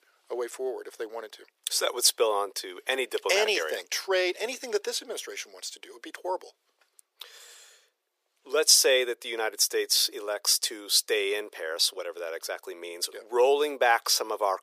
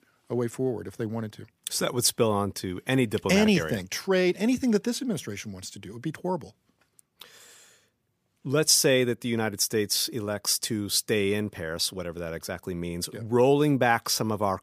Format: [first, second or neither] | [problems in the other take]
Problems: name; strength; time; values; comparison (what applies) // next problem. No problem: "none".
second | thin; very; fading below 400 Hz